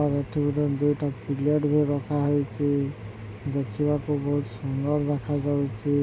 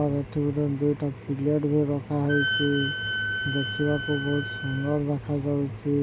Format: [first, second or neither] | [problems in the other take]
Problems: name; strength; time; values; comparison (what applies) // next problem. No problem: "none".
first | background sound (Wind instrument, woodwind instrument); 5 dB below the speech